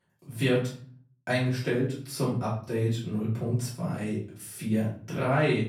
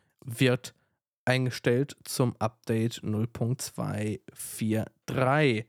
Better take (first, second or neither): second